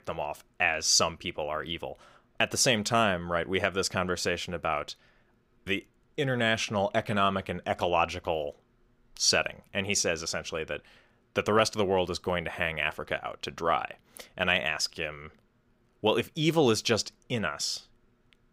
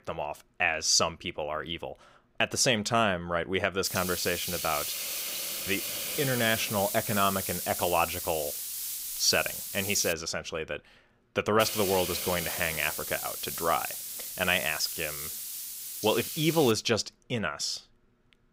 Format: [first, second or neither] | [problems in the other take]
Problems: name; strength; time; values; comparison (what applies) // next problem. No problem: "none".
first | hiss; loud; from 4 to 10 s and from 12 to 17 s; 4 dB below the speech